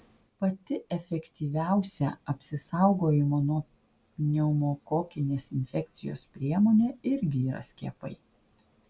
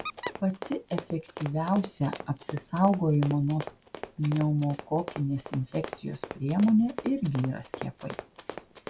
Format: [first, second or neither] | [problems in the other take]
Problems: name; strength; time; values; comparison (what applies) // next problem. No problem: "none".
first | background sound (Run + Squeak); 12 dB below the speech